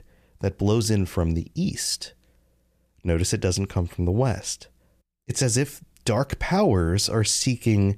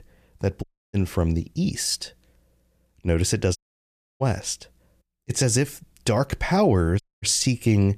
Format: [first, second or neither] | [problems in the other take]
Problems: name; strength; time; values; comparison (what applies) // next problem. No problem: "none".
first | audio cutting out; at 0.5 s, at 3.5 s for 0.5 s and at 7 s